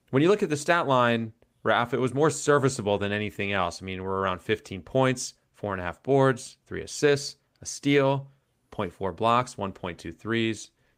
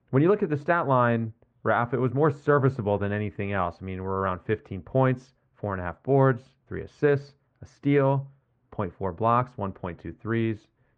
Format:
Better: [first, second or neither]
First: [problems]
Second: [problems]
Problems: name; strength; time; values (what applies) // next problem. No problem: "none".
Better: first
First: none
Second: muffled; very; fading above 1.5 kHz